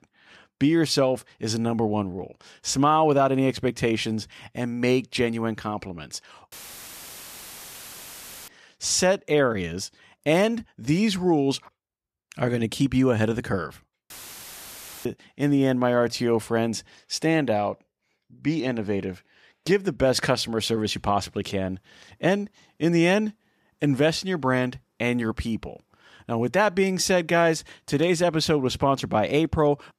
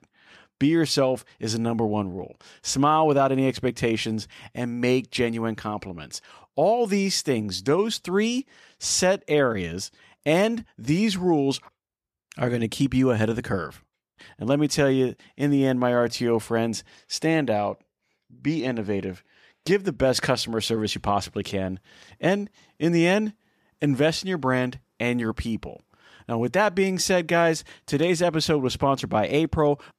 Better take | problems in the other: second | audio cutting out; filled with static; at 6.5 s for 2 s and at 14 s for 1 s

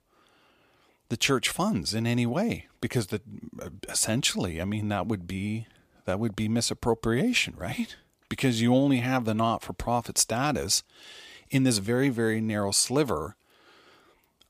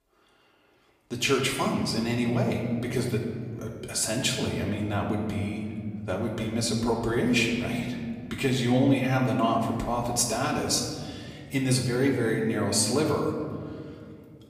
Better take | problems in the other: first | room echo; noticeable; dies away in 2 s // off-mic speech; far

